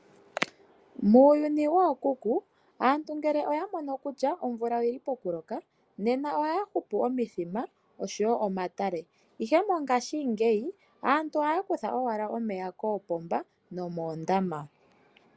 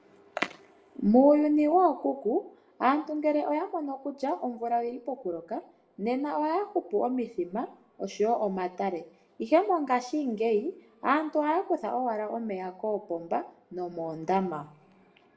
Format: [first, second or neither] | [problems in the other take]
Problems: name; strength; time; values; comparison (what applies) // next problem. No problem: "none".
first | room echo; dies away in 0.5 s